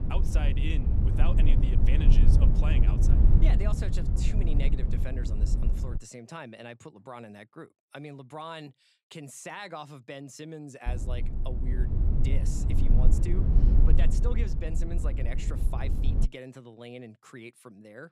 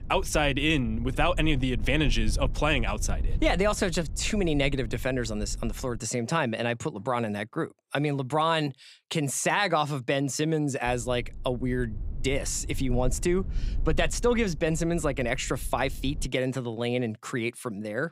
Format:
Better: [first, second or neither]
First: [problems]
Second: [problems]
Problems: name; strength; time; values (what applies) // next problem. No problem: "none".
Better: second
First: low rumble; loud; until 6 s and from 11 to 16 s; 1 dB below the speech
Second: low rumble; faint; until 6 s and from 11 to 16 s; 25 dB below the speech